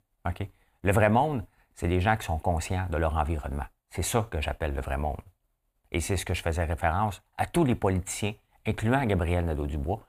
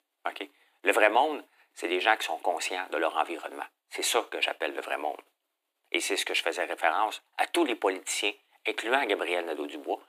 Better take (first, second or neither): first